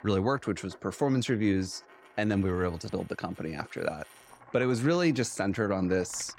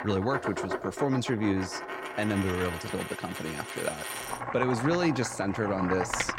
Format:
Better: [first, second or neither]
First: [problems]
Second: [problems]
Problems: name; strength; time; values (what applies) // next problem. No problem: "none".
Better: first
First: household noises; faint; throughout; 25 dB below the speech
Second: household noises; loud; throughout; 5 dB below the speech